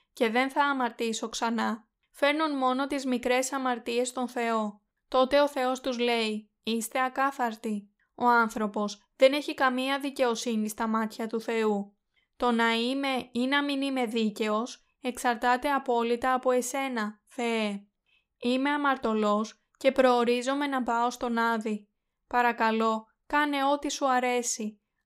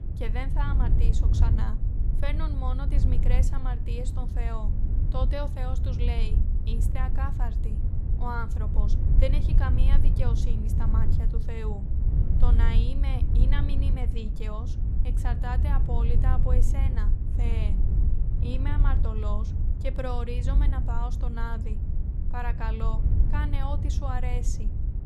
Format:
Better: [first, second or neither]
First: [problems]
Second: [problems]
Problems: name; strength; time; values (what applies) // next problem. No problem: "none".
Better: first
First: none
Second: wind noise on the microphone; heavy; 5 dB below the speech